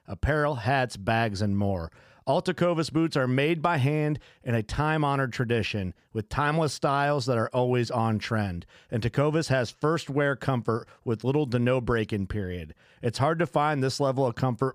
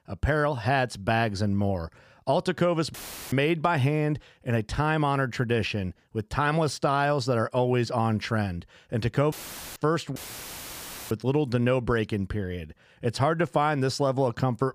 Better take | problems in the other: first | audio cutting out; filled with static; at 3 s, at 9.5 s and at 10 s for 1 s

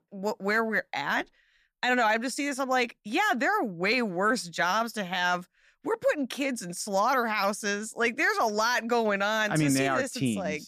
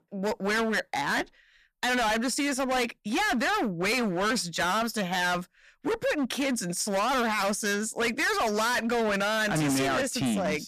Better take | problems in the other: first | distortion; heavy; 27% of the sound clipped

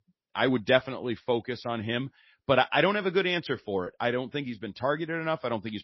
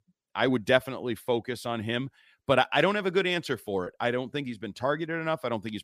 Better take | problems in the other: second | garbled, watery; slightly; nothing above 5.5 kHz

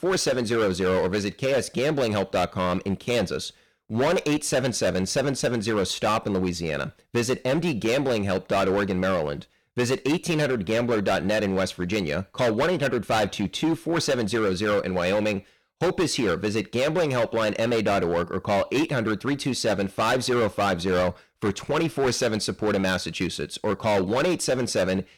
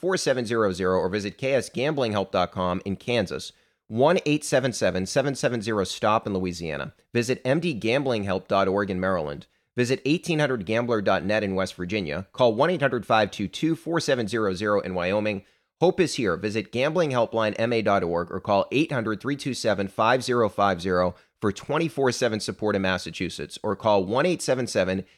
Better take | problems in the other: second | distortion; heavy; 16% of the sound clipped

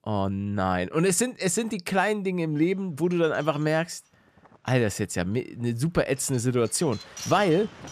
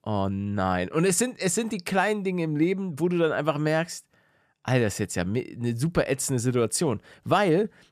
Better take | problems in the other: second | wind noise on the microphone; occasional gusts; from 2.5 s on; 15 dB below the speech

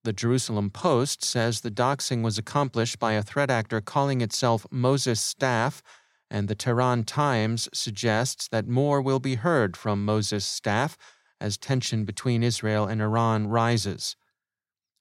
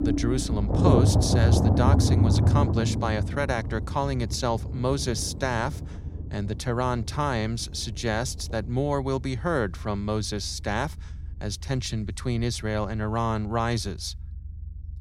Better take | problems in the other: first | low rumble; loud; throughout; 3 dB below the speech

